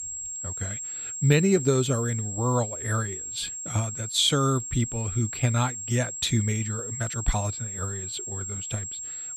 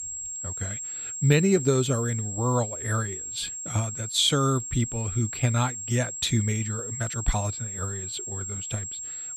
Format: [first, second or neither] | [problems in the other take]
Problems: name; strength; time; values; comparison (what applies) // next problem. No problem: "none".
neither | high-pitched whine; loud; throughout; 7.5 kHz, 5 dB below the speech; the same in both